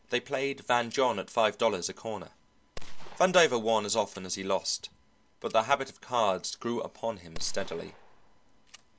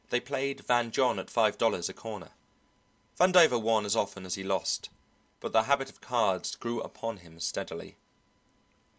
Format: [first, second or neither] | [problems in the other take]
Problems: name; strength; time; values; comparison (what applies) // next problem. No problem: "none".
second | background sound (Gunshot, gunfire); 12 dB below the speech